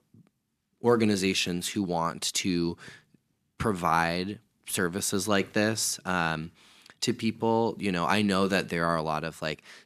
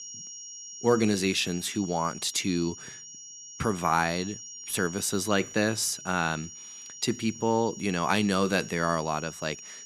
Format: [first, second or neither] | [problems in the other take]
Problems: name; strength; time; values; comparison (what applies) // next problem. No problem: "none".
first | high-pitched whine; noticeable; throughout; 5.5 kHz, 15 dB below the speech